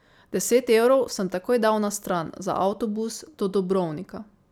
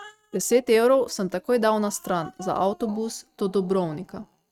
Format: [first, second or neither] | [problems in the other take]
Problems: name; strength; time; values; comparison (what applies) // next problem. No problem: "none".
first | noise reduction (neural mask model RNNoise)